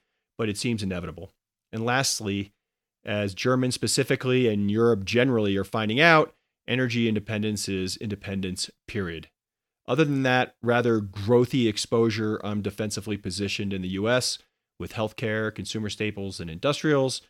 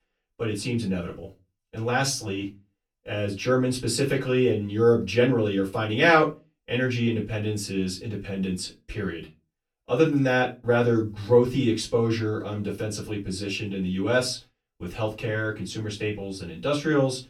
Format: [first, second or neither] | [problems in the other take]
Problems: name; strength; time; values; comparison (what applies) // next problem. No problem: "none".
first | off-mic speech; far // room echo; very slight; dies away in 0.2 s